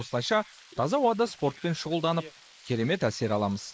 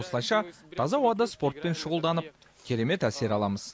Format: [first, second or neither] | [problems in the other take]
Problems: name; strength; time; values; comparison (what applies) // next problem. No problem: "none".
second | noise reduction (neural mask model Resemble Enhance denoiser)